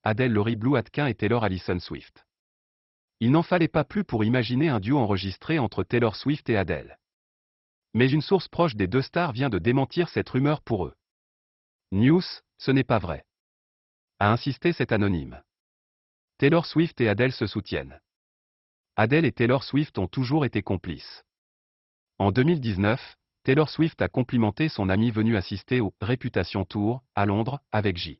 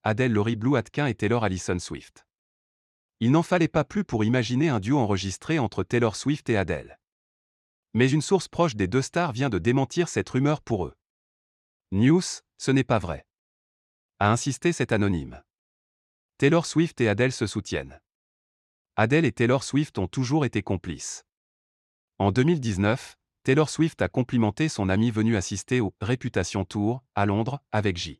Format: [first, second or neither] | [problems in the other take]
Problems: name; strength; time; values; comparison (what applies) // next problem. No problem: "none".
second | garbled, watery; badly; nothing above 5.5 kHz